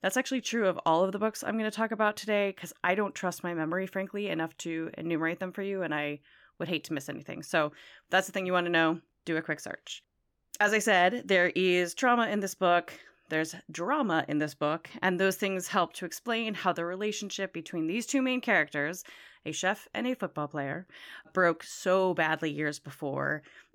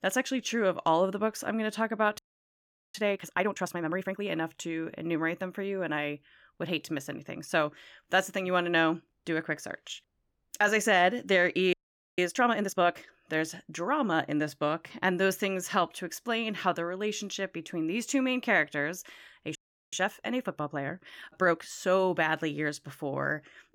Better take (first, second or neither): first